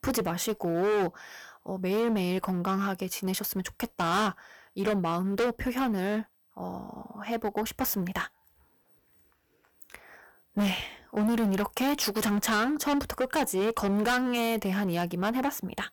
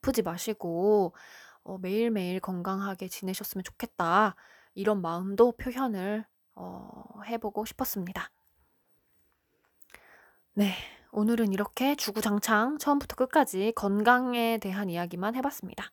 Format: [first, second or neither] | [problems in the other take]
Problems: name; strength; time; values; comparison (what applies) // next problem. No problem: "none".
second | distortion; heavy; 13% of the sound clipped